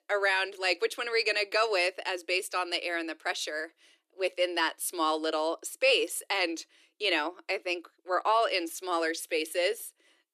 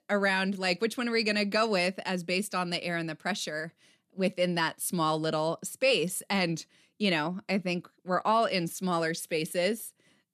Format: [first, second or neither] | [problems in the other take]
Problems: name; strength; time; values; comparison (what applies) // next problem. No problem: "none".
second | thin; very; fading below 300 Hz